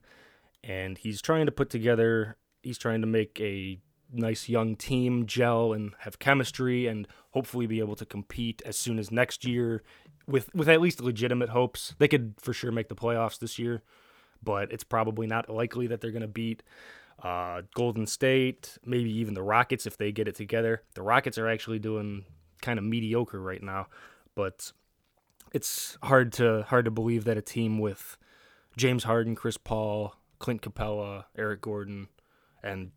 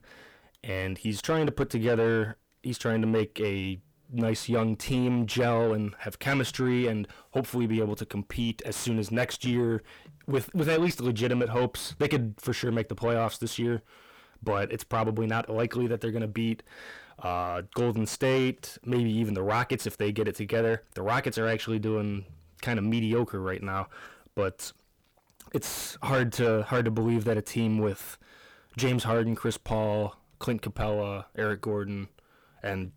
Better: first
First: none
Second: distortion; heavy; 8 dB below the speech

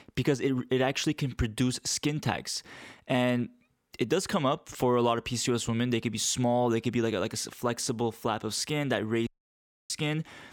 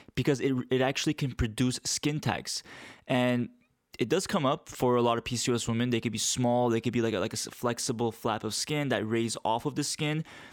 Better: second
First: audio cutting out; at 9.5 s for 0.5 s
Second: none

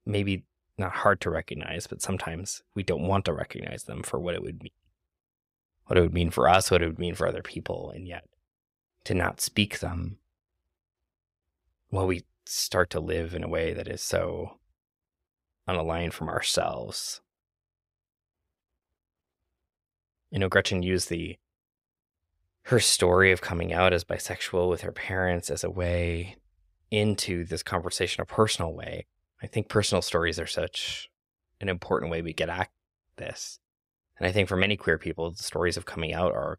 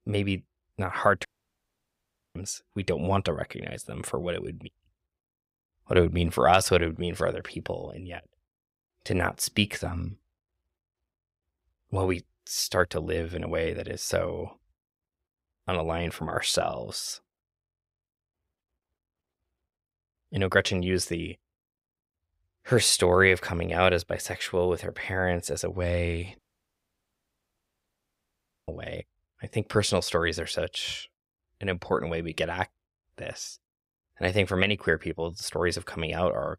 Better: first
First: none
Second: audio cutting out; at 1.5 s for 1 s and at 26 s for 2.5 s

